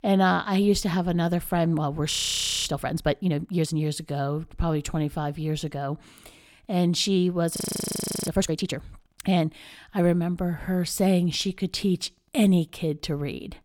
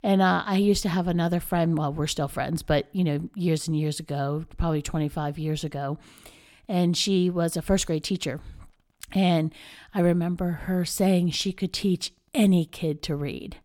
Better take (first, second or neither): second